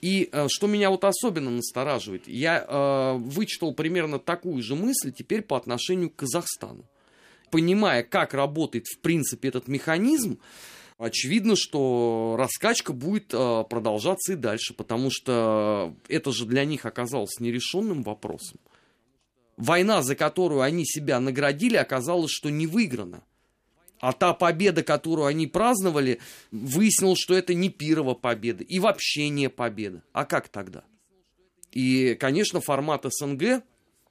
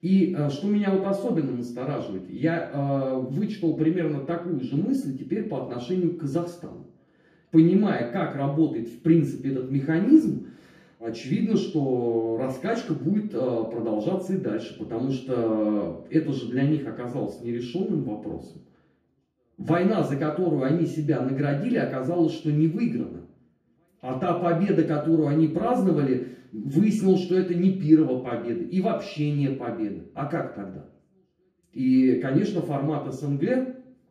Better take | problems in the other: first | room echo; noticeable; dies away in 0.6 s // off-mic speech; far

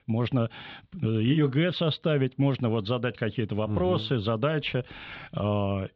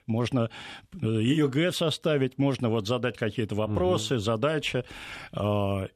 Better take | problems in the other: second | muffled; slightly; fading above 4 kHz

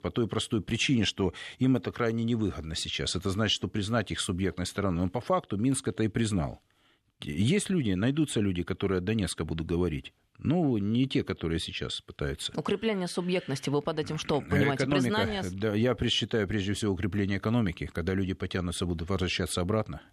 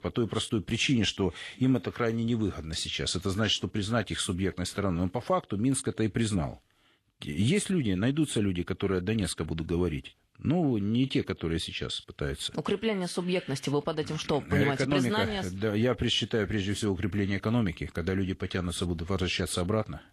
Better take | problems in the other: first | garbled, watery; slightly

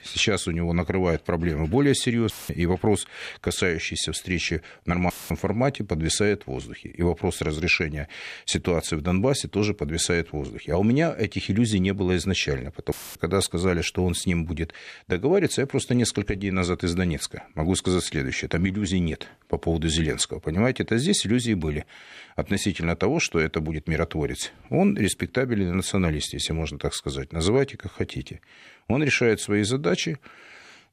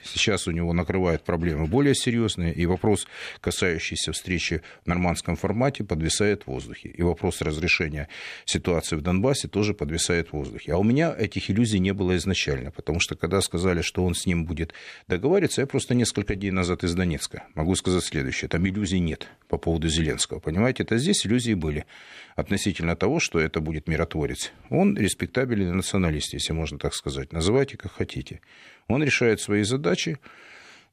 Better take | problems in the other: second | audio cutting out; filled with static; at 2.5 s, at 5 s and at 13 s

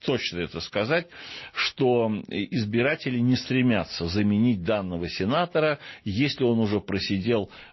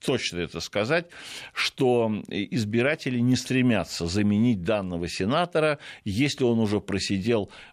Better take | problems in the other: second | garbled, watery; slightly; nothing above 5.5 kHz

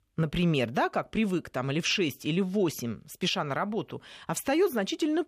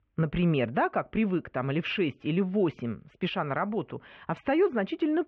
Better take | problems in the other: first | muffled; very; fading above 2.5 kHz

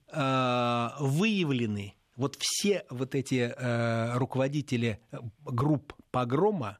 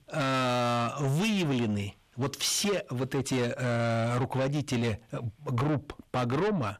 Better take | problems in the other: first | distortion; heavy; 8 dB below the speech

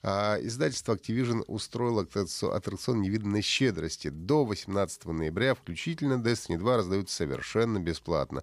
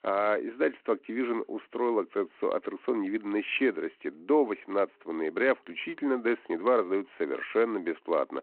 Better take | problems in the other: first | phone-call audio

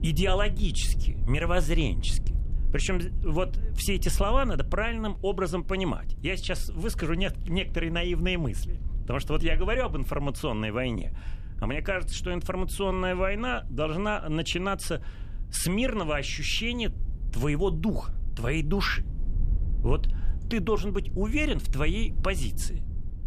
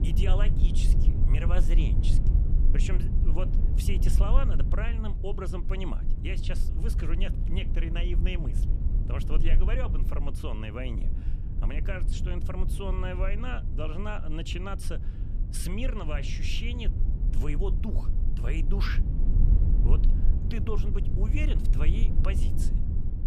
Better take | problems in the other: first | low rumble; loud; throughout; 6 dB below the speech; faint in the first

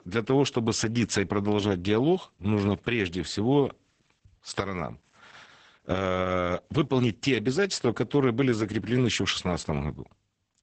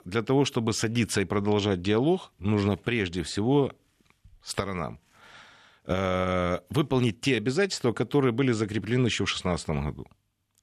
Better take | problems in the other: second | garbled, watery; badly; nothing above 8 kHz

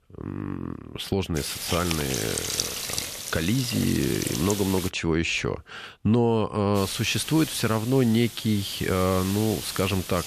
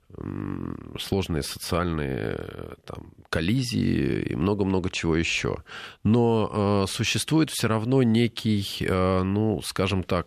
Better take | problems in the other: second | hiss; loud; from 1.5 to 5 s and from 7 s on; 6 dB below the speech

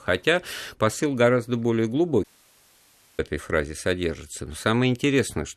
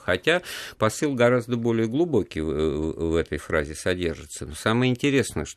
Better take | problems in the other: second | audio cutting out; at 2 s for 1 s

